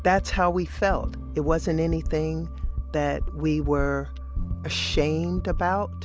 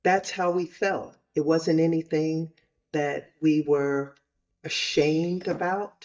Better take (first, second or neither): first